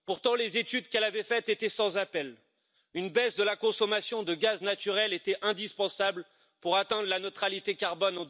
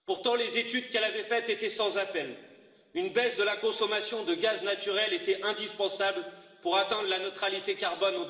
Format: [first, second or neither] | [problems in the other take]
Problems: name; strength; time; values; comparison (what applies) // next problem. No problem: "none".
first | room echo; dies away in 2.7 s